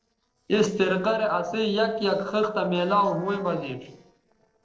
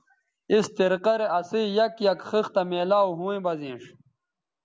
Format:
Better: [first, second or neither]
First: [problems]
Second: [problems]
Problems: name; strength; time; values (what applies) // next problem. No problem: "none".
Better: second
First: noise reduction (neural separator model SepFormer DNS4)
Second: none